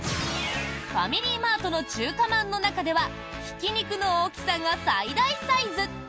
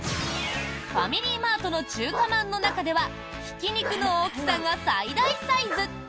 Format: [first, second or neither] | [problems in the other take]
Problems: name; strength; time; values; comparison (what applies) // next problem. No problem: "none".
first | background sound (Bark + Cough); 10 dB below the speech